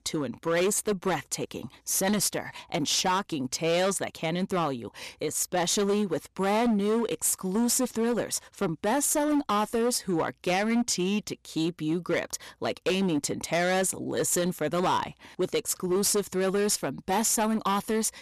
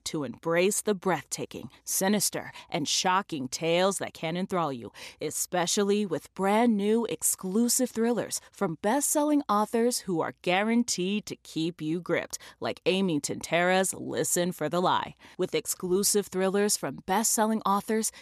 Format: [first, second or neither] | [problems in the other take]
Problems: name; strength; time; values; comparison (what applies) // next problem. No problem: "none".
second | distortion; slight; 12% of the sound clipped